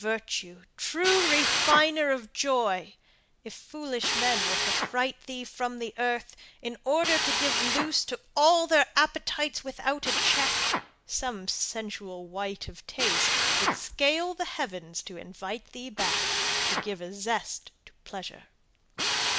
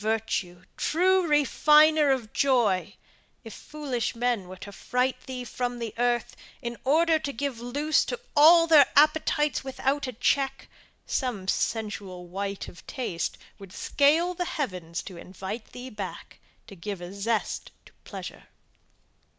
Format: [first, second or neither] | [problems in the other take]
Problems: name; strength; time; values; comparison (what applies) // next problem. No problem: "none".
second | background sound (Drill); 2 dB below the speech